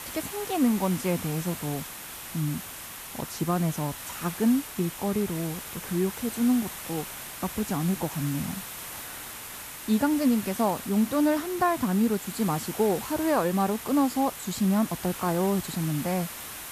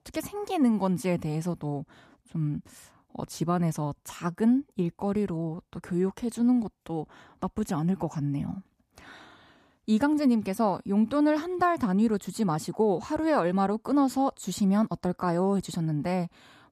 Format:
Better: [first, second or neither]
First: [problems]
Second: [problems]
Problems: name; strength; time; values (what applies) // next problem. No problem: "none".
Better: second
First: hiss; loud; throughout; 9 dB below the speech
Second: none